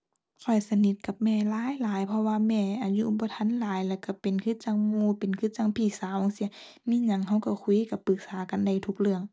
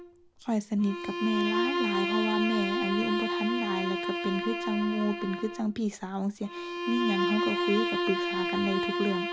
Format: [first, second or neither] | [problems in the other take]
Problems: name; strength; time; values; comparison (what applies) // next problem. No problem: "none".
first | background sound (Bowed string instrument); as loud as the speech